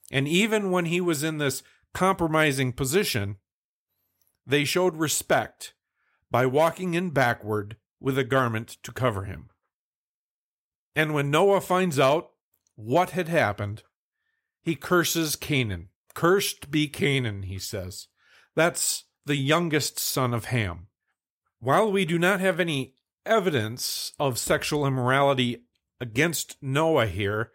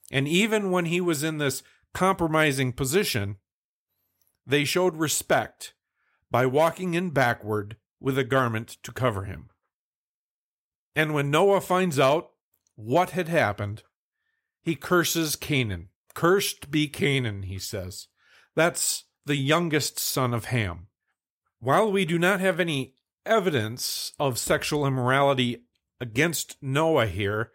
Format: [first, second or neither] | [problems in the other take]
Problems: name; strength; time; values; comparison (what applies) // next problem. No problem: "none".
neither | none